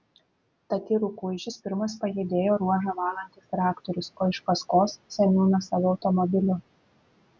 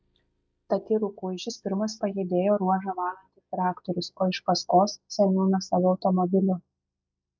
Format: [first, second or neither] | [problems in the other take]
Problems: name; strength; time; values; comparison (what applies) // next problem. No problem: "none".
first | noise reduction (neural mask model DeepFilterNet 3)